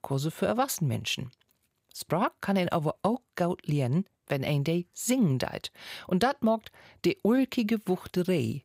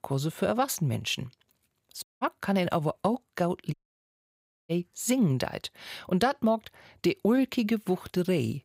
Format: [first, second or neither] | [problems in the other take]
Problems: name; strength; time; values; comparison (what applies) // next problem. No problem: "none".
first | audio cutting out; at 2 s and at 3.5 s for 1 s